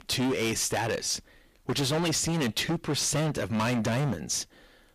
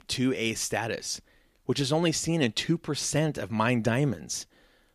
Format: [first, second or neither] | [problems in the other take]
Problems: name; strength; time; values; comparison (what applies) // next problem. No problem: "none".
second | distortion; heavy; 23% of the sound clipped